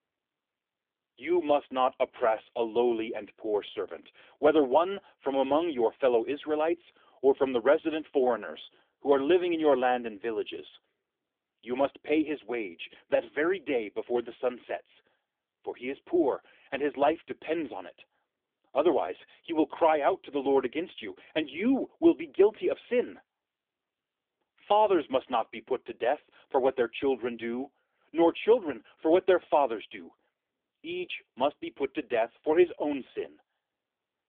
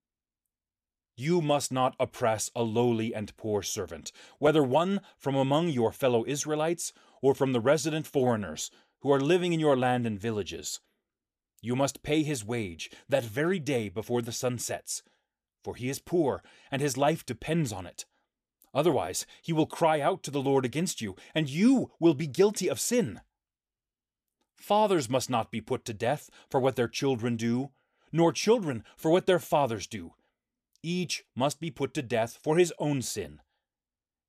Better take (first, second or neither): second